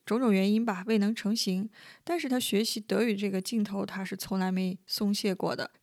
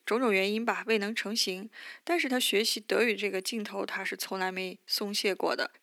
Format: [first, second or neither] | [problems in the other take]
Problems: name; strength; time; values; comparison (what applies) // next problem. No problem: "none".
first | thin; somewhat; fading below 250 Hz